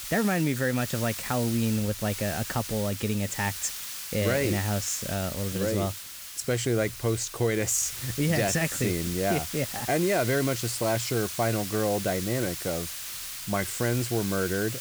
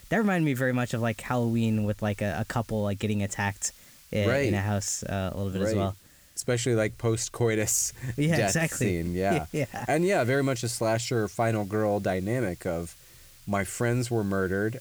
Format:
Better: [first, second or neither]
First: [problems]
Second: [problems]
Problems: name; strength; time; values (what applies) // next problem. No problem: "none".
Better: second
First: hiss; loud; throughout; 6 dB below the speech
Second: hiss; faint; throughout; 25 dB below the speech